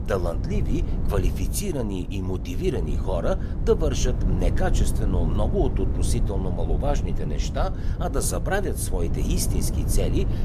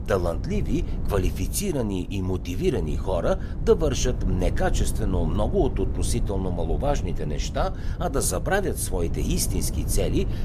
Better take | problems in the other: second | wind noise on the microphone; heavy; 9 dB below the speech; occasional gusts in the second

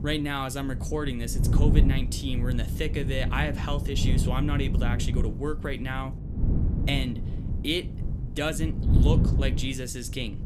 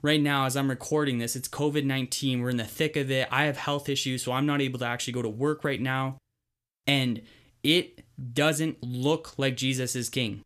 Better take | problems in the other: second | wind noise on the microphone; heavy; 7 dB below the speech

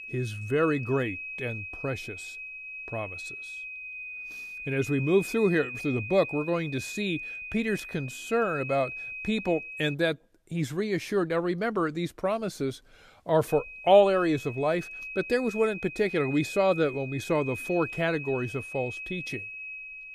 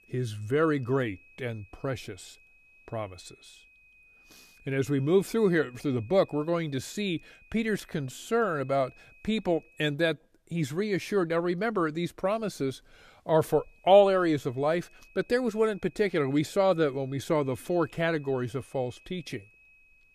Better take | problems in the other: second | high-pitched whine; loud; until 10 s and from 13 s on; 2.5 kHz, 9 dB below the speech; faint in the second

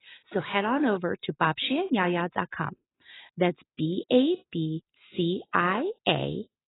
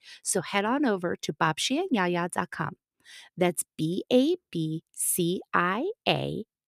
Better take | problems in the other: second | garbled, watery; badly; nothing above 4 kHz

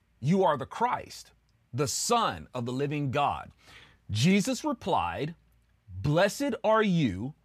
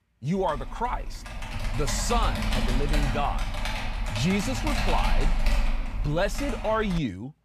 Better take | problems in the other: first | keyboard typing; loud; peak 2 dB above the speech

